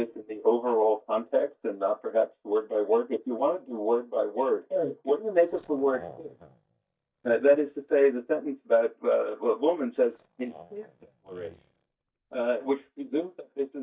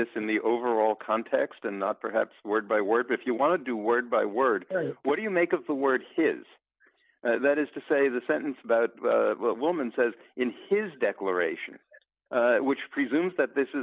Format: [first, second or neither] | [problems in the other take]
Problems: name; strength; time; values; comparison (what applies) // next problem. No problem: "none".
second | noise reduction (neural mask model DeepFilterNet 3)